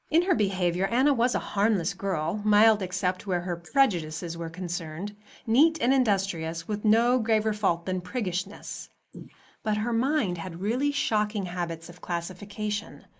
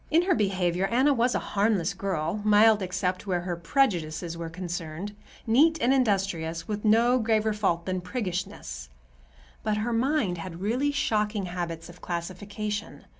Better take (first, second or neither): second